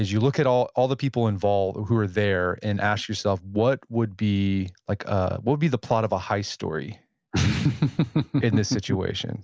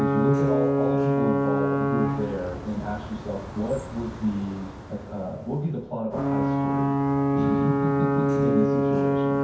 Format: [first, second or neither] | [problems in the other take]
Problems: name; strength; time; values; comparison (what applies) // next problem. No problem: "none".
first | background sound (Alarm / Ocean / Boat, Water vehicle); 5 dB above the speech // room echo; dies away in 0.6 s